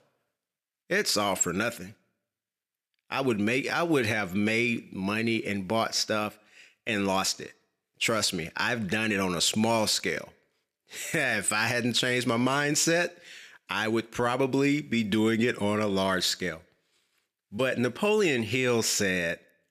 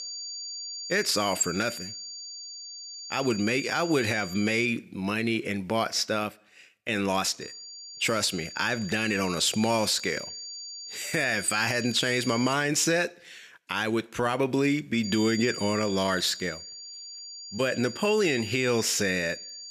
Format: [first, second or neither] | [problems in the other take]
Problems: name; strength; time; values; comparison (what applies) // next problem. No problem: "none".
first | high-pitched whine; noticeable; until 4.5 s, from 7.5 to 13 s and from 15 s on; 4.5 kHz, 10 dB below the speech